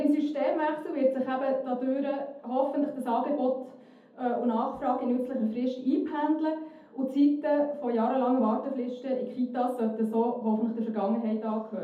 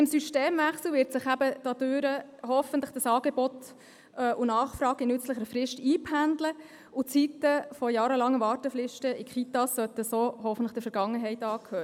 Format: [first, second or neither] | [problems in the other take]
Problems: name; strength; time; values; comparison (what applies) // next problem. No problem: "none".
second | room echo; dies away in 0.6 s